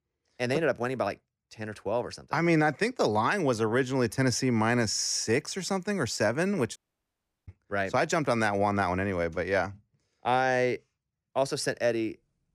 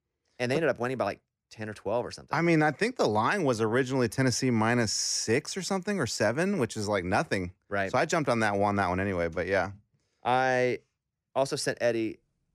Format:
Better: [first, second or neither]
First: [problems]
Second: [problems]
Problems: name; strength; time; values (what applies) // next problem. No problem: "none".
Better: second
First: audio cutting out; at 7 s for 0.5 s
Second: none